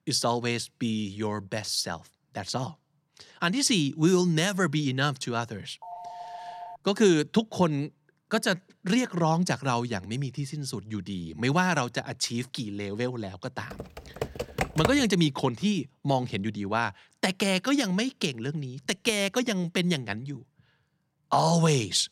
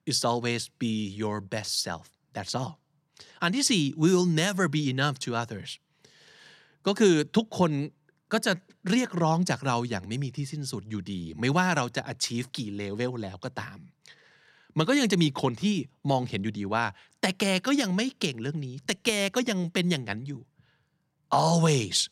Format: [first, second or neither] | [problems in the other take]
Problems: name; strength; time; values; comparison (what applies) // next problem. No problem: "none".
second | phone ringing; faint; at 6 s; peak 15 dB below the speech // keyboard typing; noticeable; from 14 to 15 s; peak 2 dB below the speech